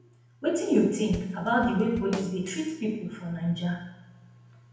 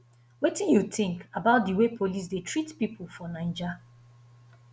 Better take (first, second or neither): second